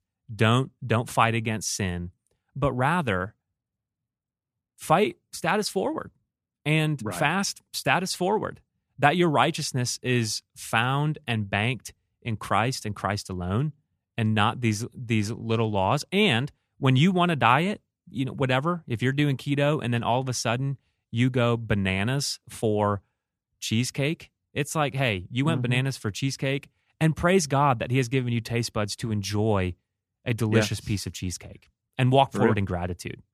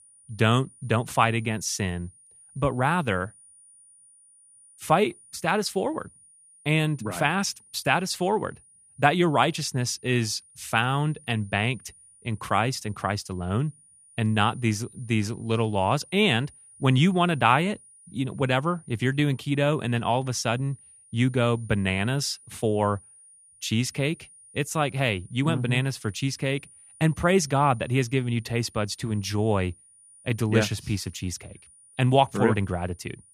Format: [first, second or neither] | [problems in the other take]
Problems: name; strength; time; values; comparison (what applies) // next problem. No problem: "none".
first | high-pitched whine; faint; throughout; 9.5 kHz, 25 dB below the speech